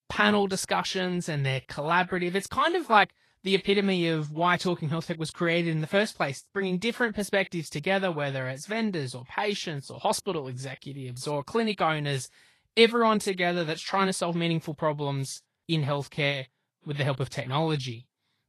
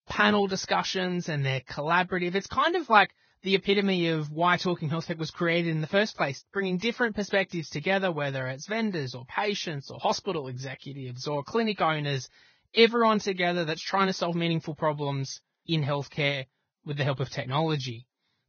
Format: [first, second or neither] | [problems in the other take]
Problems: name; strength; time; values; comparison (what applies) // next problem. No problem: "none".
first | garbled, watery; badly; nothing above 6.5 kHz; slightly in the first